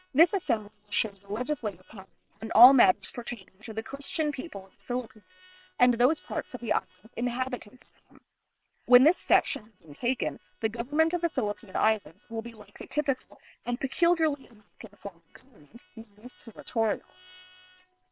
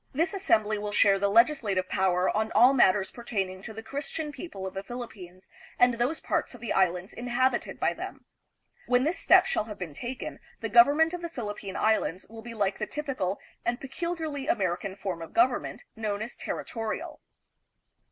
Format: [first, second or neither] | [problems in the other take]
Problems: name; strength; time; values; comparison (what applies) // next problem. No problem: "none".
second | noise reduction (neural separator model SepFormer WHAM!)